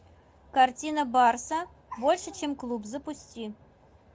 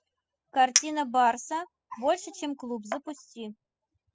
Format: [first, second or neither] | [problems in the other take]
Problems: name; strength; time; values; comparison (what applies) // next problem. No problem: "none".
first | noise reduction (classical method spectral subtraction)